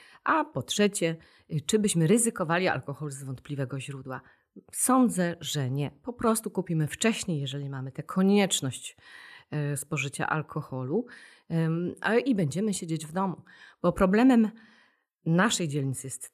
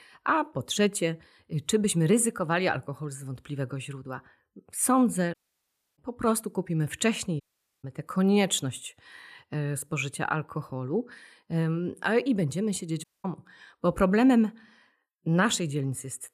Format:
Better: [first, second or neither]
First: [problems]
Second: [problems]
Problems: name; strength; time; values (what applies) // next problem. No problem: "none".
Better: first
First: none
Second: audio cutting out; at 5.5 s for 0.5 s, at 7.5 s and at 13 s